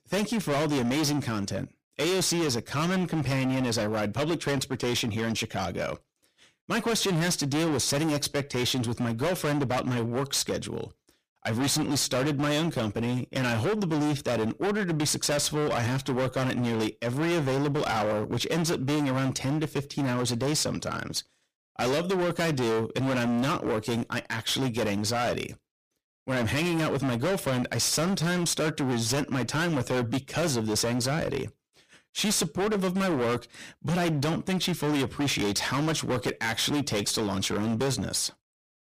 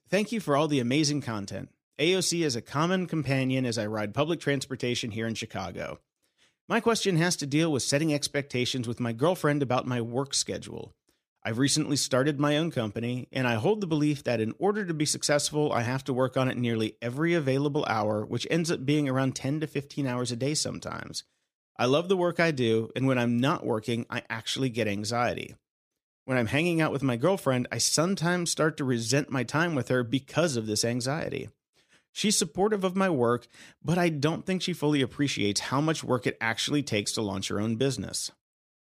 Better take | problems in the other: second | distortion; heavy; 28% of the sound clipped

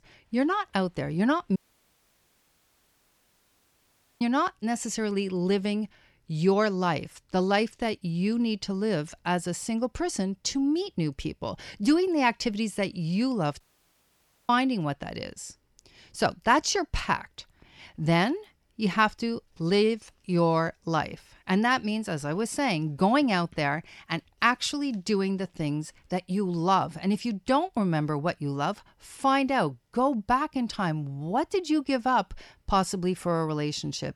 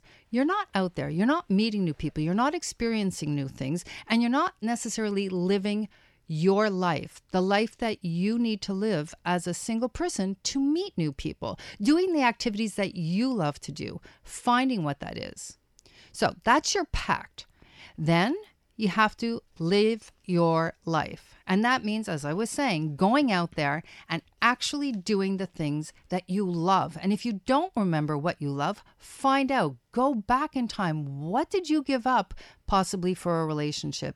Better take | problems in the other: second | audio cutting out; at 1.5 s for 2.5 s and at 14 s for 1 s

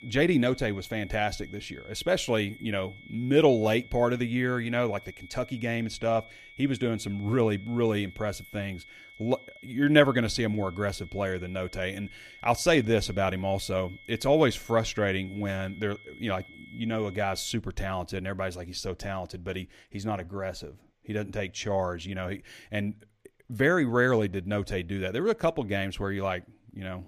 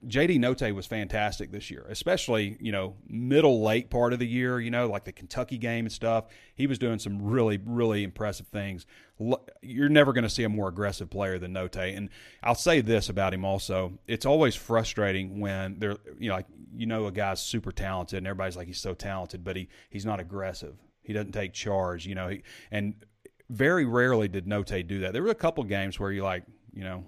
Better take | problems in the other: second | high-pitched whine; noticeable; until 18 s; 2 kHz, 20 dB below the speech

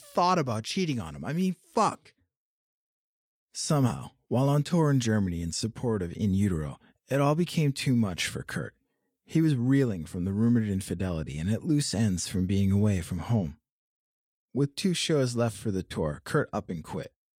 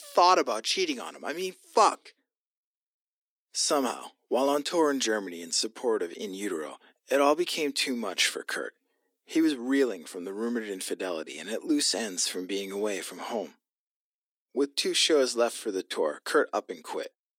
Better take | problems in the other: first | thin; somewhat; fading below 300 Hz

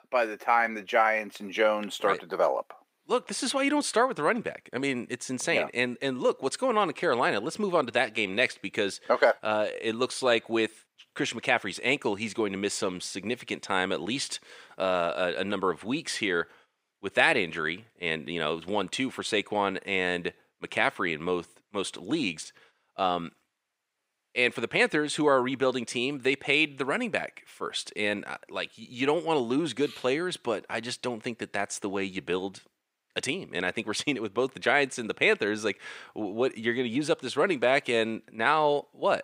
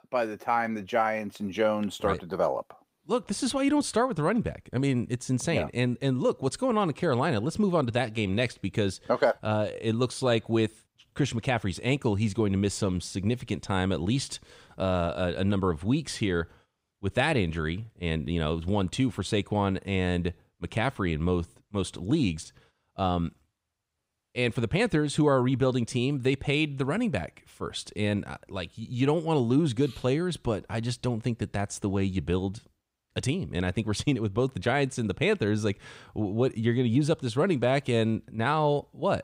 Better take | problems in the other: second | thin; somewhat; fading below 350 Hz

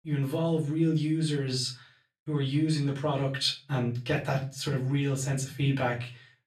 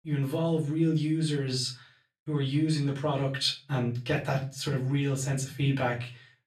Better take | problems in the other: neither | off-mic speech; far; the same in both // room echo; very slight; dies away in 0.3 s; the same in both

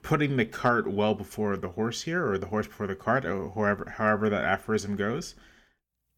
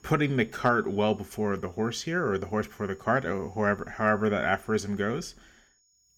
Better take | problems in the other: first | high-pitched whine; faint; throughout; 6.5 kHz, 35 dB below the speech

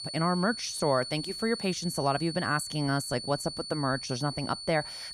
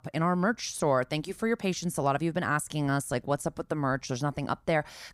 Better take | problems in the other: second | high-pitched whine; loud; throughout; 4.5 kHz, 7 dB below the speech

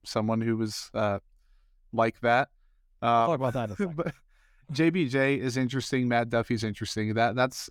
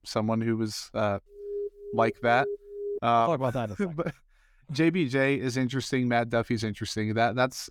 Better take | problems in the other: first | alarm; noticeable; from 1.5 to 3 s; peak 8 dB below the speech

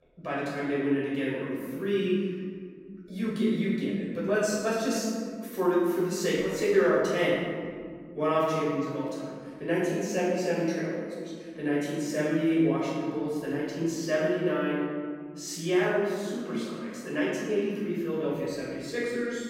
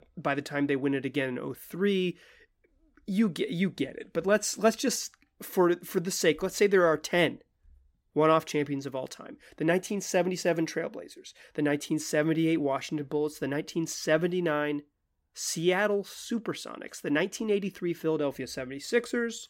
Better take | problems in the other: second | off-mic speech; far // room echo; strong; dies away in 1.9 s

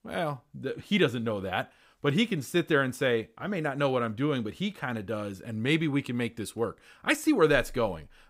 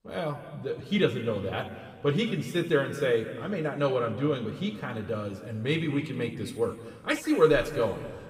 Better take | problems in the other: first | room echo; noticeable; dies away in 1.9 s // off-mic speech; somewhat distant

